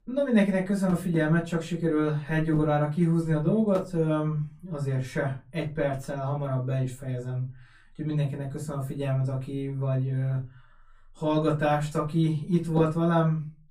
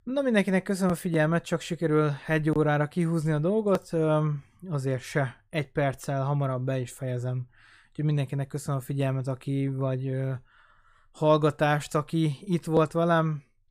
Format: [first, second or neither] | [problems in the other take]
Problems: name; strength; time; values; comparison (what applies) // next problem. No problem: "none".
second | off-mic speech; far // room echo; very slight; dies away in 0.3 s